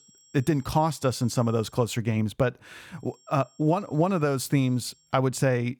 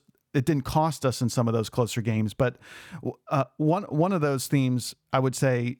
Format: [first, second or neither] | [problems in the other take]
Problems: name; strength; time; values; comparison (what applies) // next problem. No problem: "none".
second | high-pitched whine; faint; until 2 s and from 3 to 5 s; 7.5 kHz, 30 dB below the speech